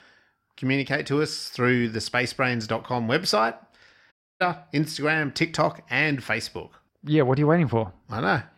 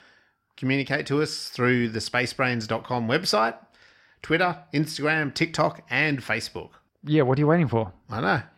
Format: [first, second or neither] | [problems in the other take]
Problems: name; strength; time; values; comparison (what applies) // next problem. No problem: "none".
second | audio cutting out; at 4 s